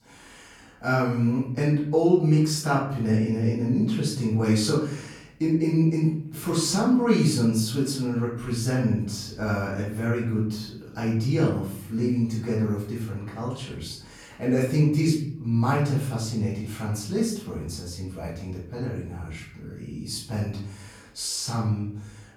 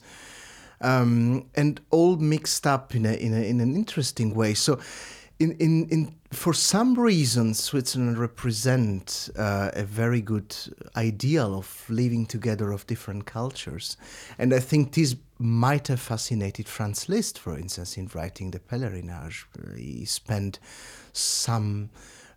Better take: second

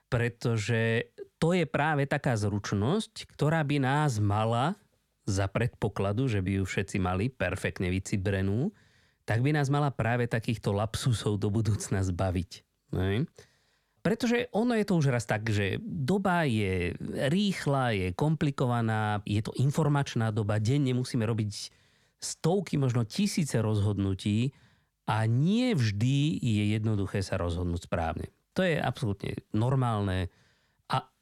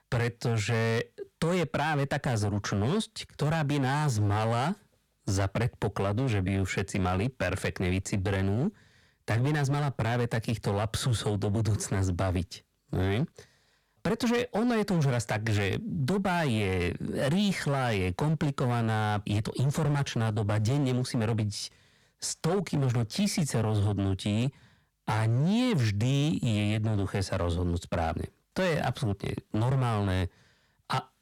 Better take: first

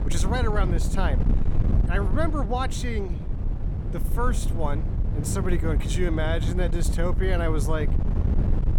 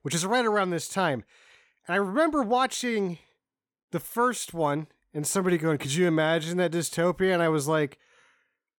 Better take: second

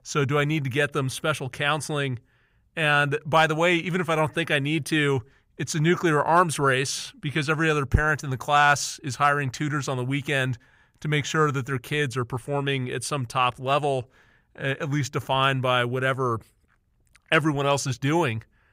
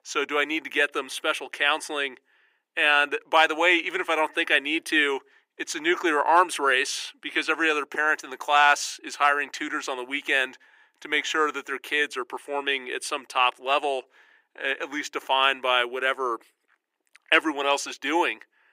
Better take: first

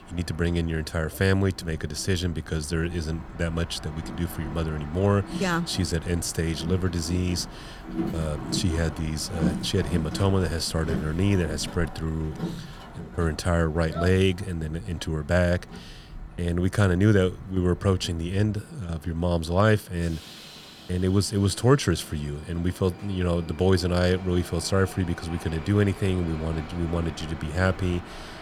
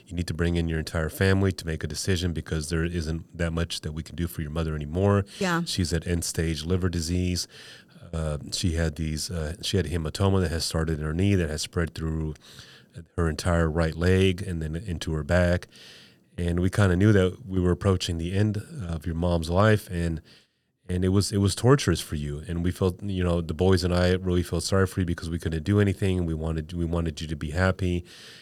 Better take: second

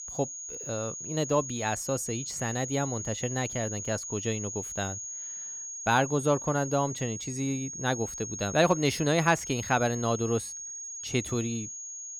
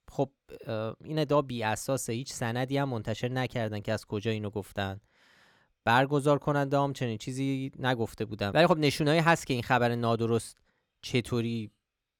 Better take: second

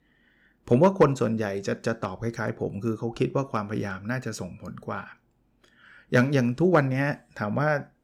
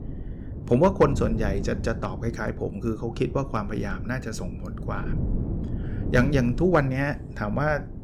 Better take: first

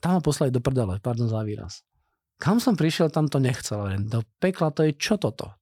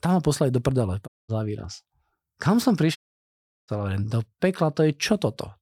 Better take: first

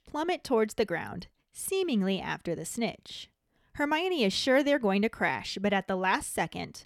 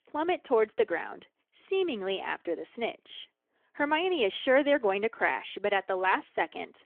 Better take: first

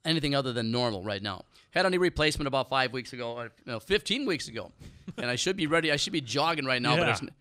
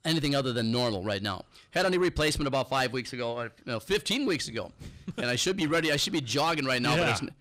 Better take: first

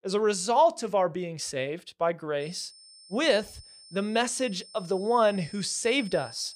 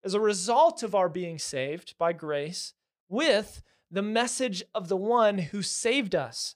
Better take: second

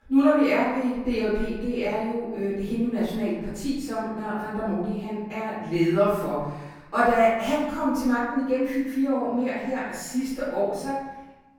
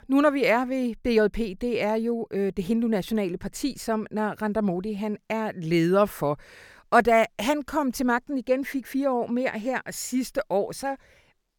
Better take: second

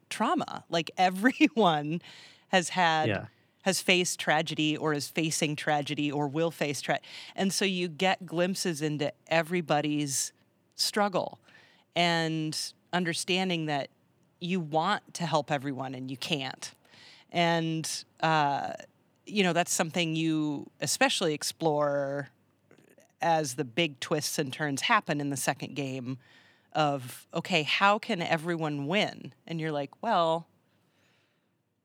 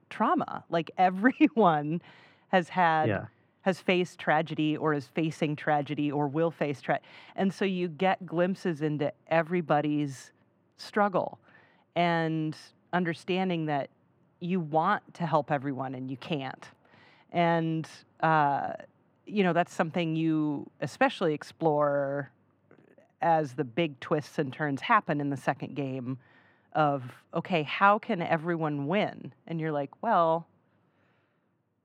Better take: first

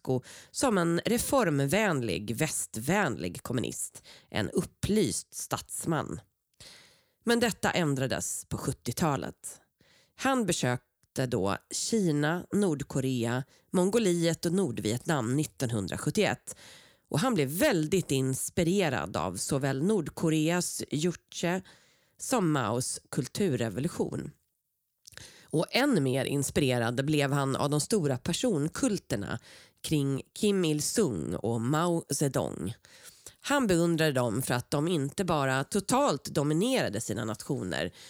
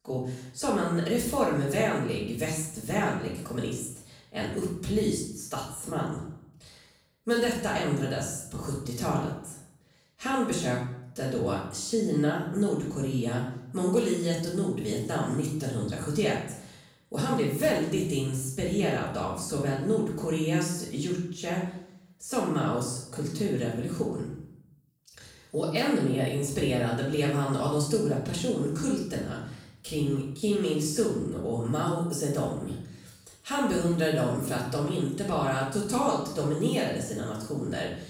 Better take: first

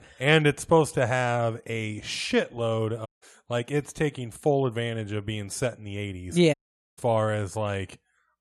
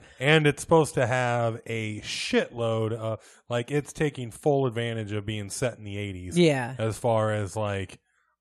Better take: second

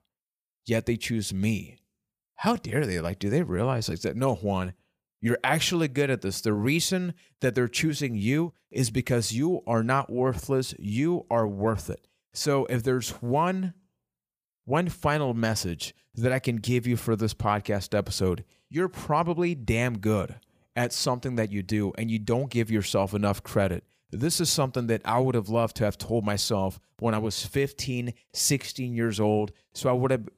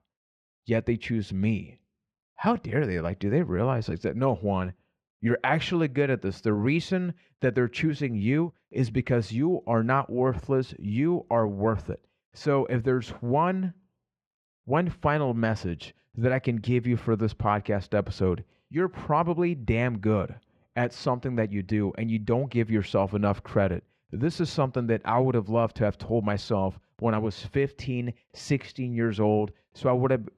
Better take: first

